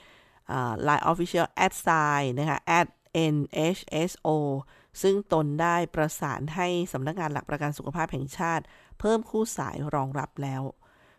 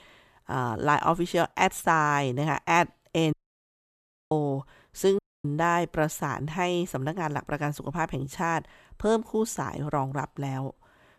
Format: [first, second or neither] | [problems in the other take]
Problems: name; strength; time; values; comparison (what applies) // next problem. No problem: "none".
first | audio cutting out; at 3.5 s for 1 s and at 5 s